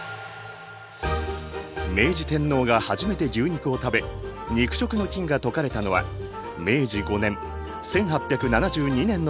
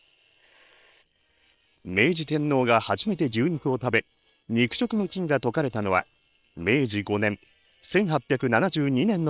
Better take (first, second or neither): first